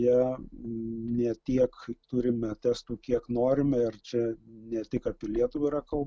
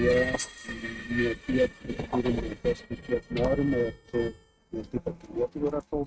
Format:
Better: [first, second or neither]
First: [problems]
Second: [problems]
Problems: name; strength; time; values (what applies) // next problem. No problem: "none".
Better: first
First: none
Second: noise reduction (neural mask model RNNoise)